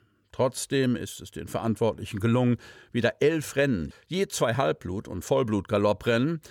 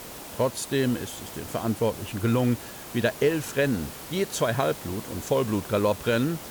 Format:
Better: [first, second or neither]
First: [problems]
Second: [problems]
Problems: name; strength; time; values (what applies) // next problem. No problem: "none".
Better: first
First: none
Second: hiss; noticeable; throughout; 10 dB below the speech